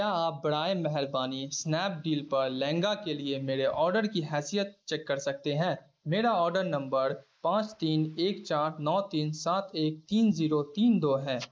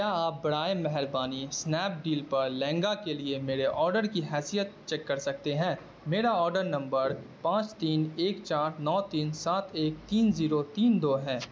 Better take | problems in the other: second | noise reduction (neural mask model Resemble Enhance denoiser)

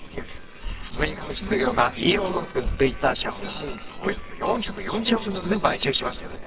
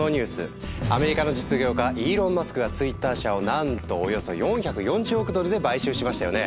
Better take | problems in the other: second | noise reduction (neural separator model SepFormer WHAMR!)

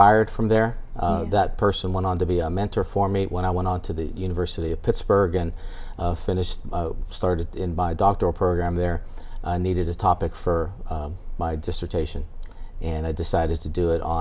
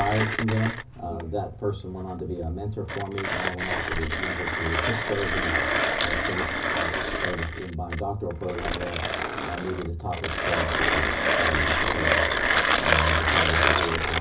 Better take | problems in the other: first | background sound (Mechanisms); 4 dB above the speech // room echo; dies away in 0.4 s

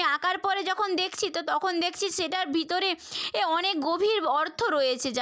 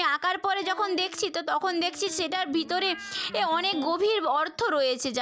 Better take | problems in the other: first | background sound (Electric guitar + Meow); 17 dB below the speech

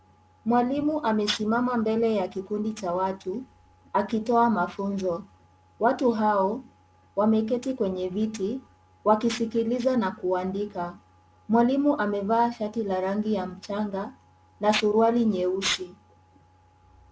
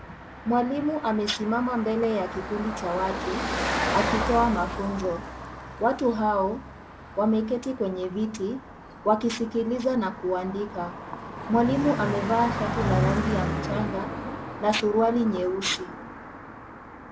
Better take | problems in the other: first | background sound (Car passing by); 5 dB below the speech

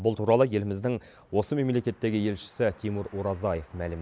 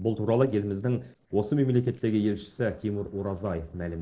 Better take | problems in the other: first | noise reduction (neural separator model SepFormer DNS4)

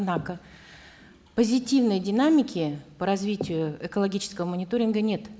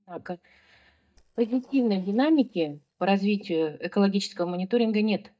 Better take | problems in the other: first | noise reduction (neural mask model DeepFilterNet 3)

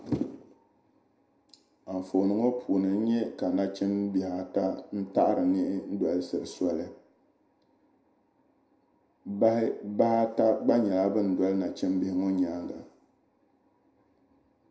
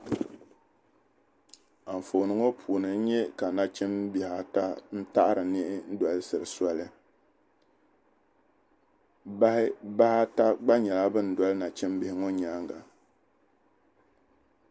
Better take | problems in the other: second | room echo; dies away in 0.5 s

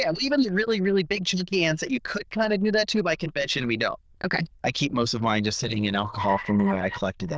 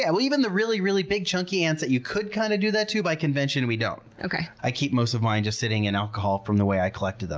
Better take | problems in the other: second | noise reduction (neural diffusion model UNIVERSE++)

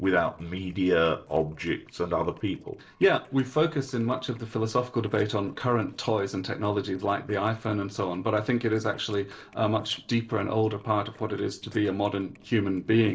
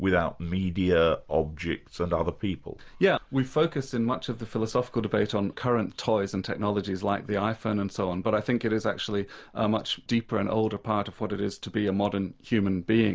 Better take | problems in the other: second | noise reduction (neural separator model SepFormer DNS4)

